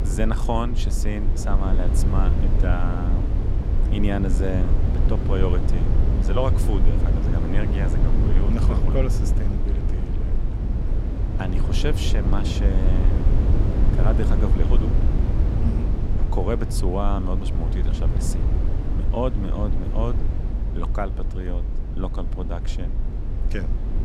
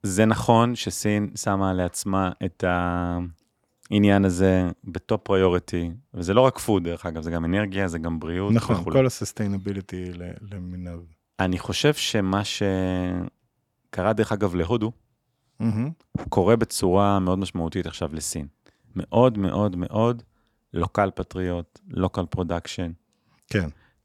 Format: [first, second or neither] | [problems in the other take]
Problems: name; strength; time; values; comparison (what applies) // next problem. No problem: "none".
second | low rumble; loud; throughout; 4 dB below the speech